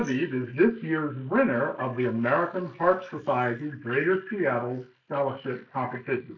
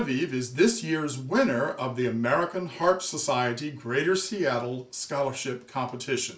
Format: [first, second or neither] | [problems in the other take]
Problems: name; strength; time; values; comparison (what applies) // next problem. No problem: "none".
second | noise reduction (neural mask model Resemble Enhance denoiser)